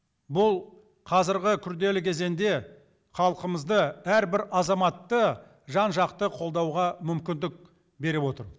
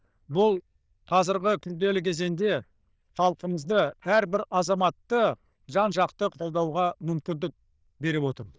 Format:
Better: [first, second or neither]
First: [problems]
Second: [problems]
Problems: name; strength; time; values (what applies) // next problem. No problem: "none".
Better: first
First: none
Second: noise reduction (neural diffusion model UNIVERSE++)